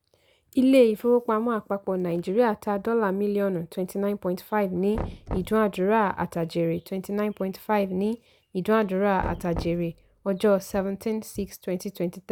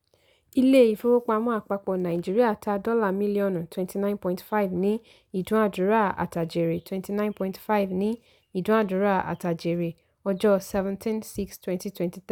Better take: second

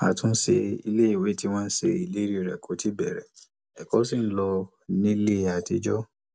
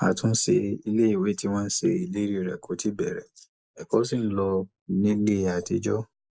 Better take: first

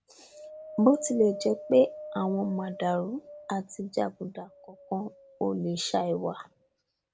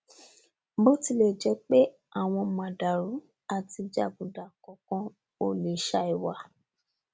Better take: second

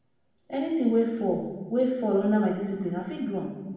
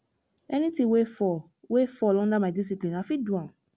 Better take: second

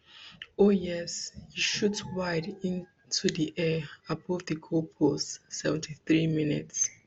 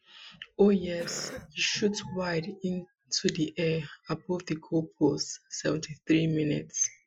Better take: first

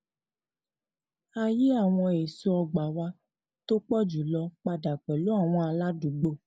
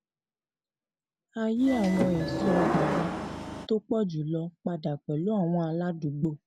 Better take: first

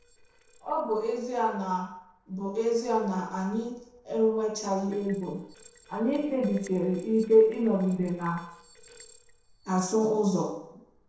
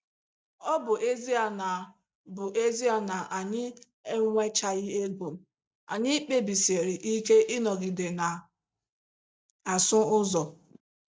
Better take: second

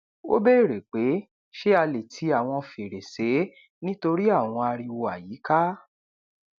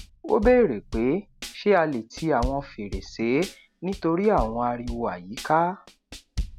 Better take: first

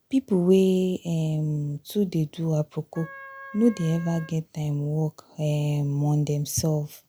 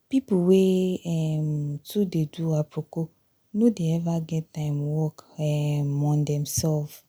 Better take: second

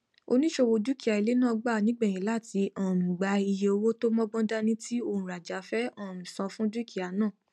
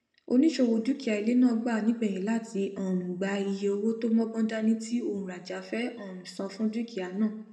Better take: first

